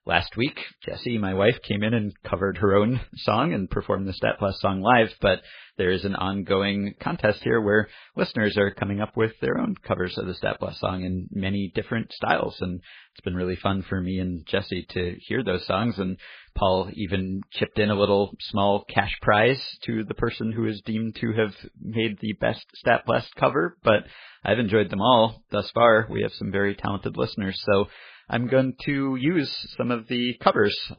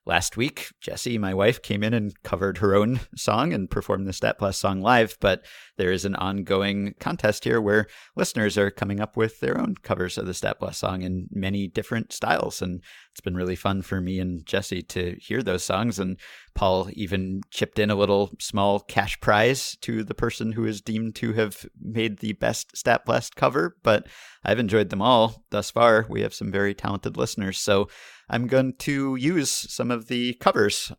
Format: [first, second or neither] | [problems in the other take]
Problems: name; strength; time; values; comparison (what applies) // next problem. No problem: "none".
second | garbled, watery; badly